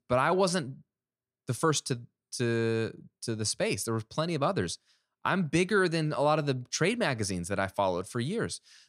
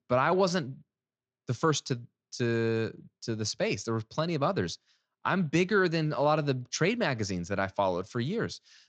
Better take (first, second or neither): first